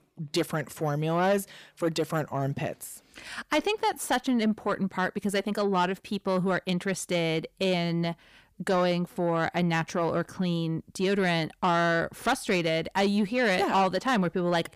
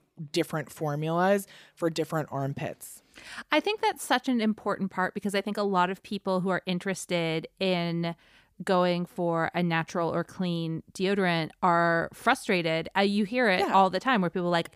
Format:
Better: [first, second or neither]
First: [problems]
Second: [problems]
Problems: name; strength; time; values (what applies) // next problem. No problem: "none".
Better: second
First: distortion; slight; 10 dB below the speech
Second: none